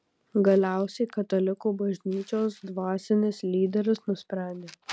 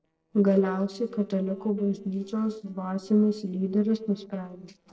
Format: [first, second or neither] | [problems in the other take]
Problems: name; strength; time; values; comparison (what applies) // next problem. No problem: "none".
first | noise reduction (neural separator model SepFormer DNS4)